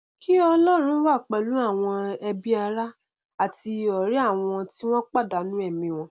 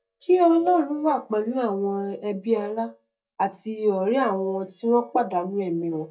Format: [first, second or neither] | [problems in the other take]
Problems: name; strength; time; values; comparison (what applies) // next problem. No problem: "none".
first | noise reduction (neural mask model DeepFilterNet 3)